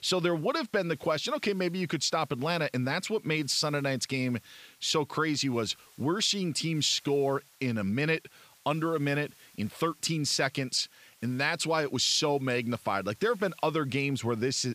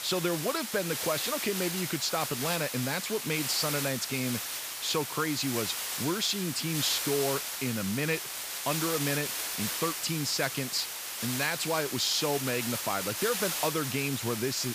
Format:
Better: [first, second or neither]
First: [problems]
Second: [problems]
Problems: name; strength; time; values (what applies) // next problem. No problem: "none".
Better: first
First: hiss; faint; throughout; 30 dB below the speech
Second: hiss; loud; throughout; 2 dB below the speech